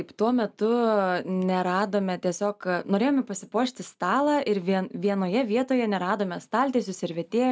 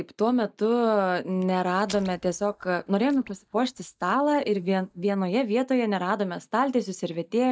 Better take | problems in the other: first | noise reduction (neural mask model DeepFilterNet 3)

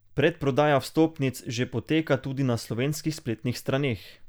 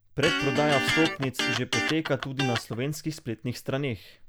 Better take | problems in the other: first | background sound (Electric guitar); as loud as the speech

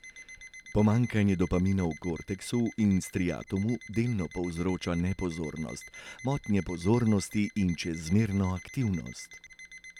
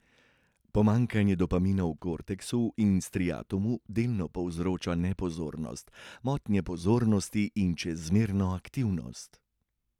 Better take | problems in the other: second | background sound (Alarm); 19 dB below the speech

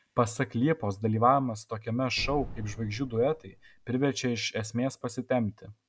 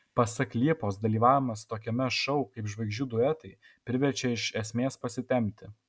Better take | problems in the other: second | background sound (Boom); 12 dB below the speech

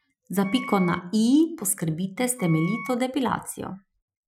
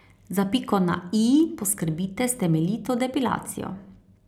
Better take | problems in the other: second | noise reduction (classical method Wiener filter)

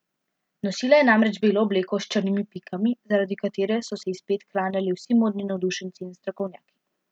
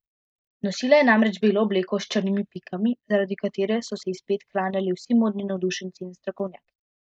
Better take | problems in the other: first | noise reduction (neural mask model Resemble Enhance denoiser)

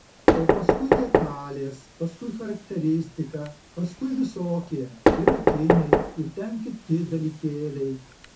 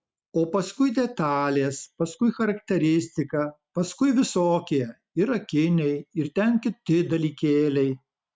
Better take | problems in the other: second | background sound (Knock); 3 dB above the speech // room echo; dies away in 0.3 s

